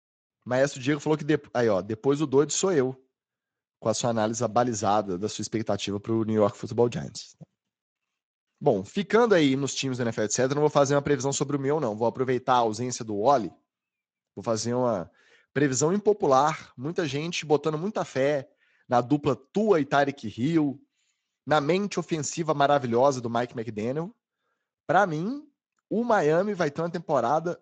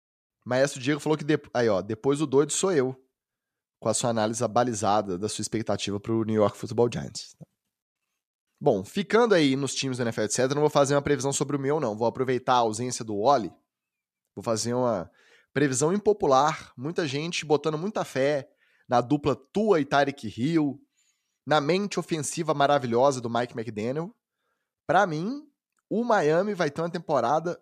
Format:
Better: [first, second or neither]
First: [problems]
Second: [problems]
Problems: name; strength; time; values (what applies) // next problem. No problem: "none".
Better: second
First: garbled, watery; slightly; nothing above 7.5 kHz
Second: none